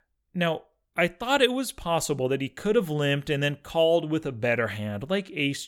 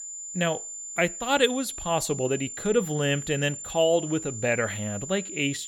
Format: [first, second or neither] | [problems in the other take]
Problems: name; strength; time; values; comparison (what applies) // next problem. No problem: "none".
first | high-pitched whine; loud; throughout; 7 kHz, 8 dB below the speech